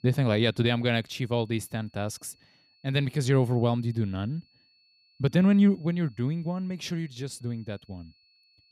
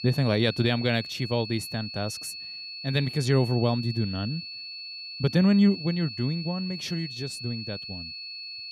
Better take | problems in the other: first | high-pitched whine; loud; throughout; 4.5 kHz, 9 dB below the speech; faint in the first

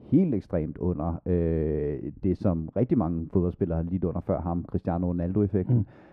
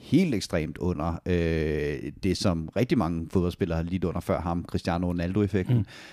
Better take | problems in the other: second | muffled; very; fading above 2 kHz

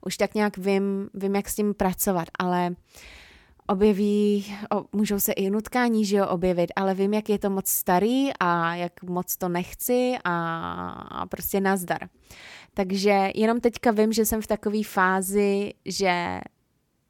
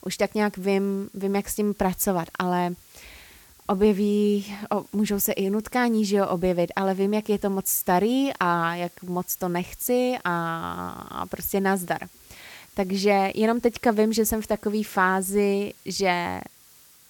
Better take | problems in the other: first | hiss; faint; throughout; 25 dB below the speech

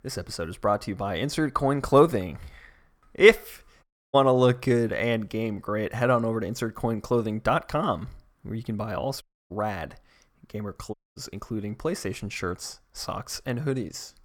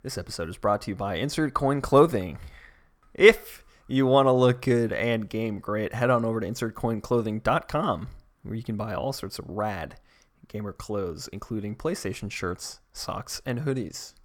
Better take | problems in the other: second | audio cutting out; at 4 s, at 9 s and at 11 s

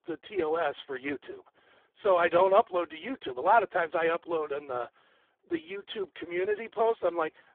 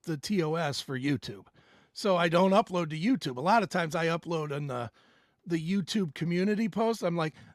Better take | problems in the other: second | phone-call audio; poor line

